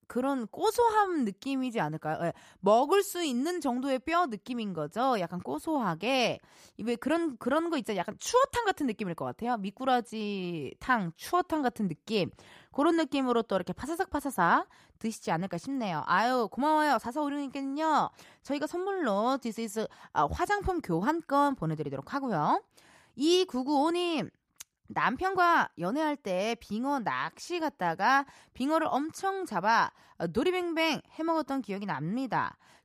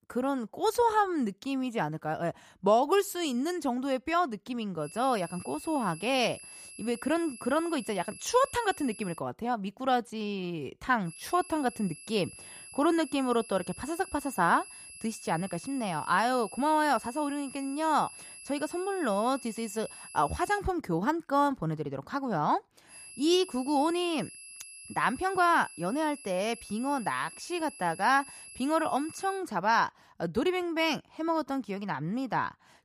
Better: first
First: none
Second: high-pitched whine; noticeable; from 5 to 9 s, from 11 to 21 s and from 23 to 29 s; 11 kHz, 15 dB below the speech

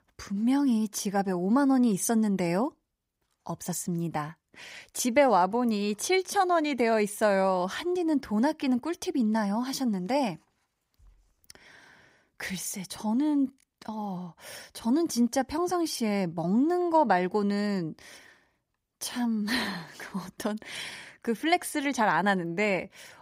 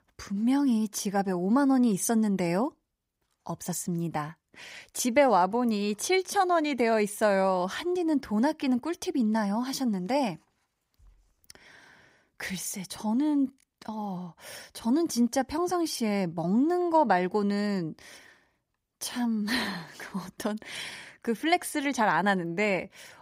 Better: neither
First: none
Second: none

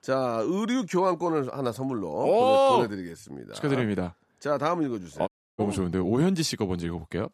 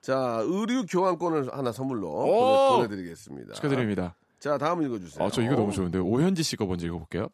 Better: second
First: audio cutting out; at 5.5 s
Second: none

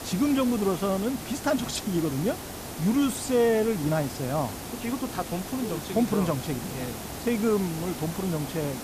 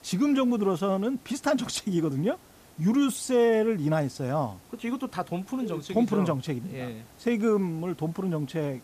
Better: second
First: hiss; loud; throughout; 9 dB below the speech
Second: hiss; faint; throughout; 25 dB below the speech

